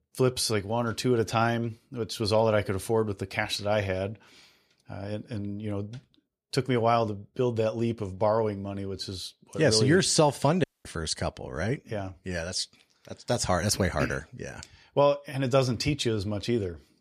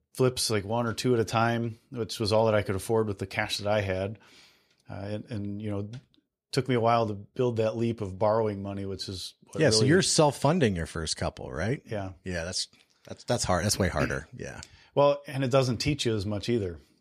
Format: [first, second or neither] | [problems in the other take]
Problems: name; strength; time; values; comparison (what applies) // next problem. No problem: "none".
second | audio cutting out; at 11 s